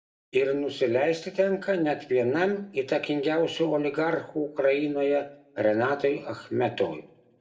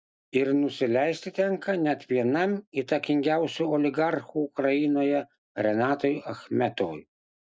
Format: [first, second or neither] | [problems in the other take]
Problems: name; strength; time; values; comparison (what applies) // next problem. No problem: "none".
second | room echo; dies away in 0.4 s